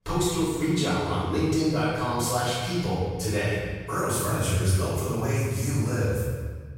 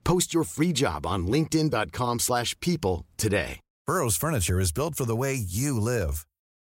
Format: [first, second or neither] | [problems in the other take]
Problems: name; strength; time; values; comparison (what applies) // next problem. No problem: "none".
second | off-mic speech; far // room echo; strong; dies away in 1.5 s